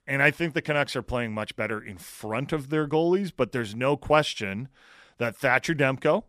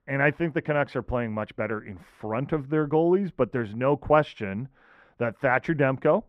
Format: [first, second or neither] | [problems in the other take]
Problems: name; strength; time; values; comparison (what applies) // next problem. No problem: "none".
first | muffled; very; fading above 3 kHz